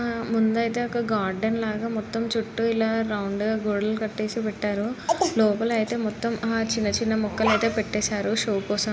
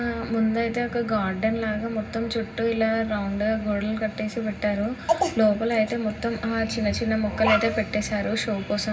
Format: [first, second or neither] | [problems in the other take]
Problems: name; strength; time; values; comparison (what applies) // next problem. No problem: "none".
first | room echo; dies away in 0.4 s